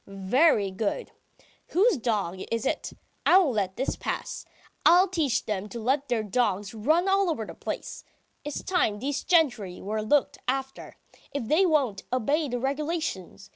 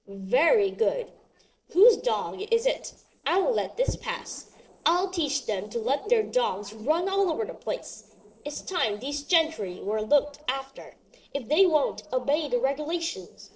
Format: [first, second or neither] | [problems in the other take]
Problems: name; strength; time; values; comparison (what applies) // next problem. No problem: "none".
first | noise reduction (neural separator model SepFormer DNS4)